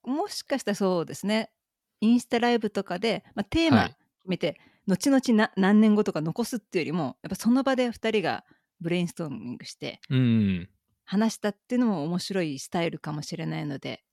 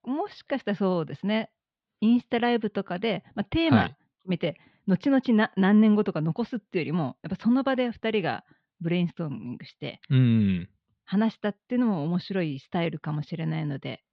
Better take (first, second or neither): first